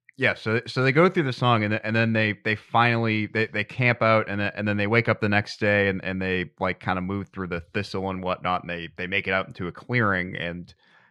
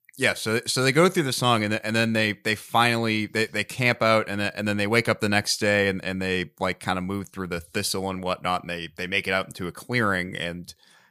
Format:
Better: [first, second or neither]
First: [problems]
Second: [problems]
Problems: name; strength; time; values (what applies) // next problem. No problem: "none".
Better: second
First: muffled; slightly; fading above 2.5 kHz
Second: none